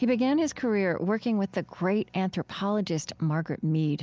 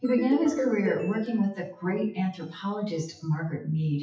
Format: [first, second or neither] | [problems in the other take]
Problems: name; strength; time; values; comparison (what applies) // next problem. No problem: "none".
first | noise reduction (classical method WPE with log-MMSE)